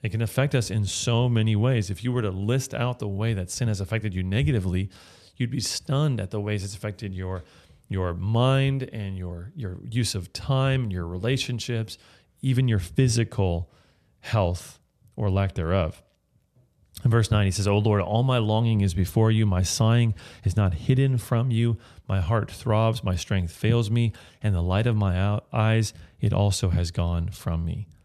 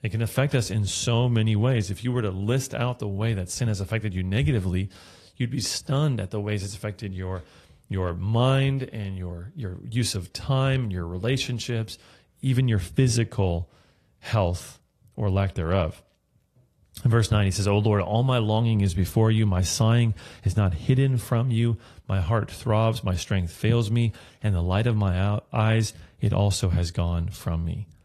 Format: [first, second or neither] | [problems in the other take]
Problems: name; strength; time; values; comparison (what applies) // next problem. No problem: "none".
first | garbled, watery; slightly; nothing above 14 kHz